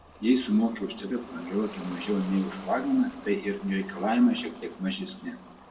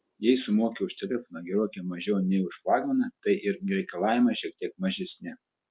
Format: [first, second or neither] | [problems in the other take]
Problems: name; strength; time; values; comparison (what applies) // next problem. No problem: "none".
second | background sound (Ocean); 18 dB below the speech // room echo; dies away in 1.1 s